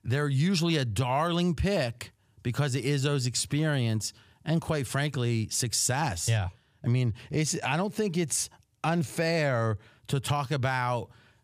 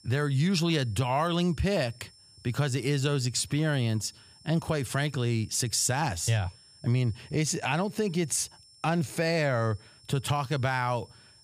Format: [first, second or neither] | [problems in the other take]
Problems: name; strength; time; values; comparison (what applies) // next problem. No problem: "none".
first | high-pitched whine; faint; throughout; 5.5 kHz, 25 dB below the speech